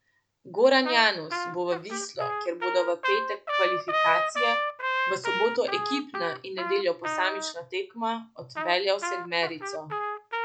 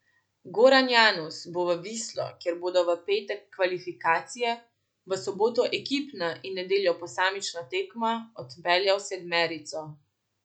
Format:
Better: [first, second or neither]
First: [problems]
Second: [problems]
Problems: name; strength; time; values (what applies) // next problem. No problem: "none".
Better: second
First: background sound (Trumpet); 3 dB below the speech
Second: none